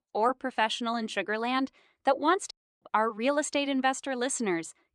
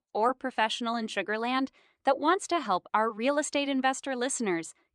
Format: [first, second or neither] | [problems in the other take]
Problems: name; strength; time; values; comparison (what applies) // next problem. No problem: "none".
second | audio cutting out; at 2.5 s